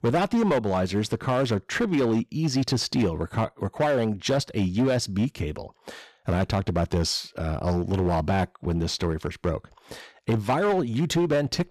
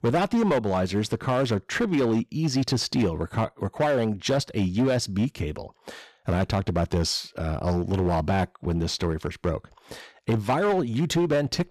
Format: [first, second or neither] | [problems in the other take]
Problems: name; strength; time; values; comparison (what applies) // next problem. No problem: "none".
neither | distortion; slight; 9% of the sound clipped; the same in both